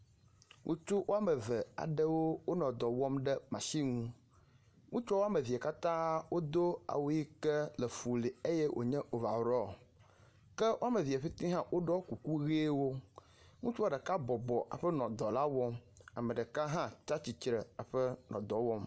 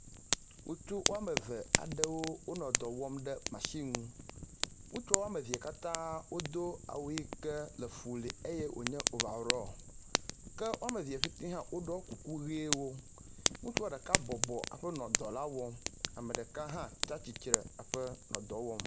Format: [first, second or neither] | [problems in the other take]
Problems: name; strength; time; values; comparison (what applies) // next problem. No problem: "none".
first | background sound (Fire); 2 dB above the speech